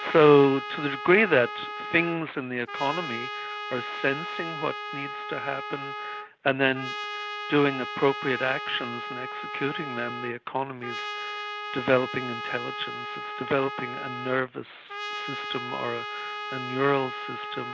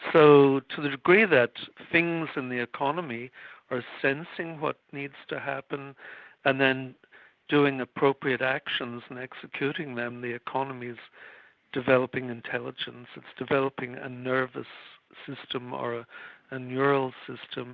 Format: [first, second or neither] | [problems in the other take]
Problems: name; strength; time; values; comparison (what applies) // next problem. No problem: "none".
second | background sound (Trumpet); 8 dB below the speech